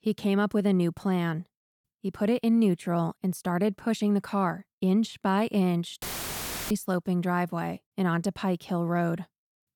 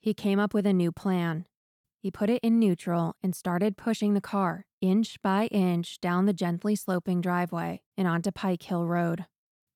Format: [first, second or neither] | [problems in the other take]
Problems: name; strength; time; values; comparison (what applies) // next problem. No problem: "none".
second | audio cutting out; filled with static; at 6 s for 0.5 s